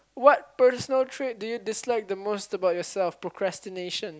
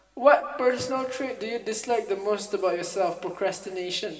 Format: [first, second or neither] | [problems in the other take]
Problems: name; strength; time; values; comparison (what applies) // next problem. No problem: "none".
first | room echo; dies away in 2.1 s